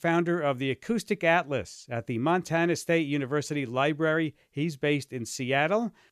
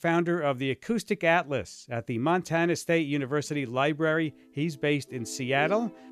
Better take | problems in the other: first | background music; noticeable; throughout; 15 dB below the speech

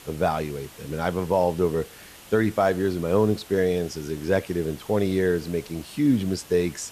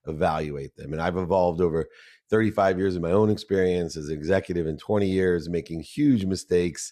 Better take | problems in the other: second | hiss; noticeable; throughout; 20 dB below the speech

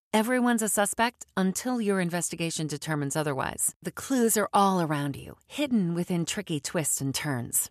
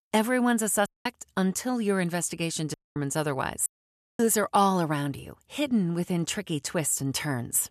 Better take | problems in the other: first | audio cutting out; at 1 s, at 2.5 s and at 3.5 s for 0.5 s

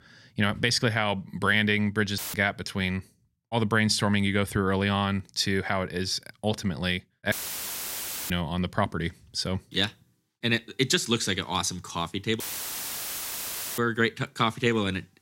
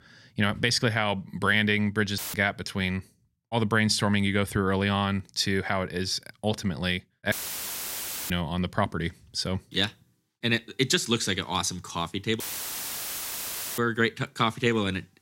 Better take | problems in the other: neither | audio cutting out; filled with static; at 2 s, at 7.5 s for 1 s and at 12 s for 1.5 s; the same in both

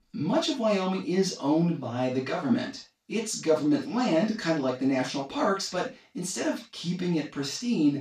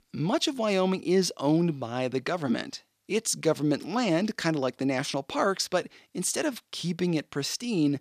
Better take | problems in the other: second | room echo; noticeable; dies away in 0.2 s // off-mic speech; far

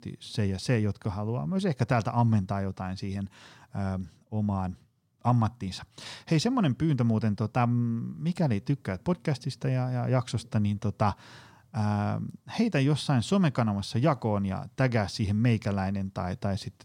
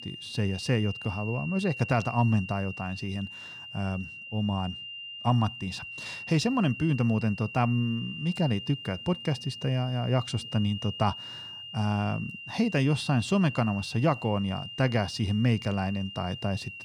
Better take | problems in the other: first | high-pitched whine; noticeable; throughout; 3 kHz, 10 dB below the speech

